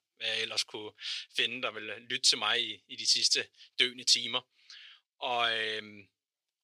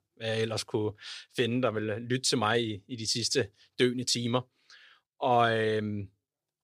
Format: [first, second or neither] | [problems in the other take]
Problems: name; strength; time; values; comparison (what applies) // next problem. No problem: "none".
second | thin; somewhat; fading below 950 Hz